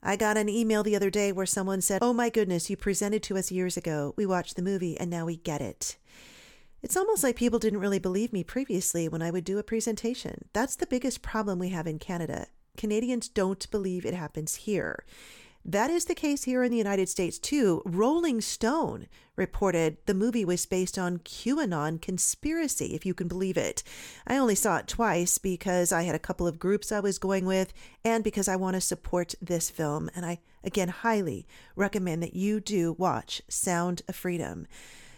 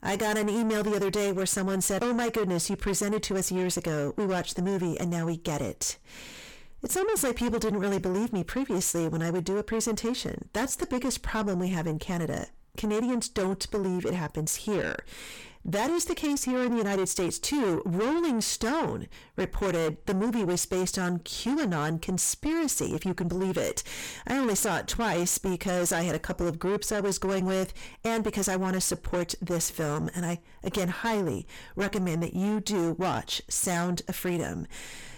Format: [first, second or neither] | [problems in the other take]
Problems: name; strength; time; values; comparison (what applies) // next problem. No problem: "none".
first | distortion; heavy; 7 dB below the speech